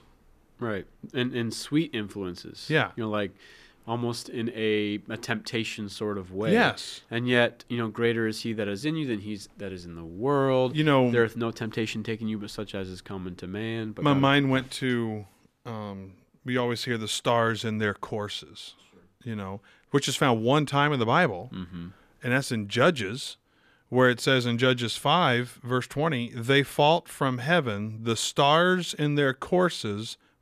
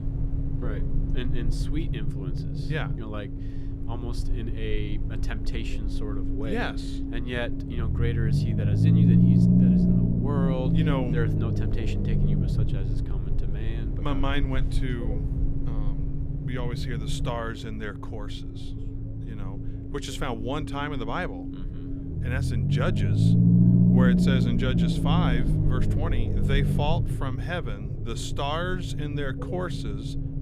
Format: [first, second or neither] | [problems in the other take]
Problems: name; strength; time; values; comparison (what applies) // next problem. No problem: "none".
first | low rumble; loud; throughout; 1 dB below the speech